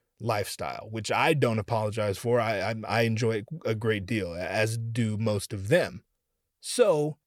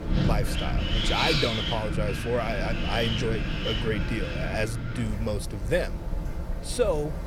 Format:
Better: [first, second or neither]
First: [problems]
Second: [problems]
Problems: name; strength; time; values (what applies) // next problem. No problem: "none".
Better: first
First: none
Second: wind in the background; very loud; throughout; as loud as the speech